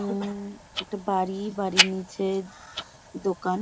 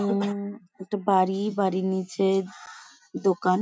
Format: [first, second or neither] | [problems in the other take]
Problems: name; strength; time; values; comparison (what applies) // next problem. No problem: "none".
second | background sound (Tick-tock); 2 dB below the speech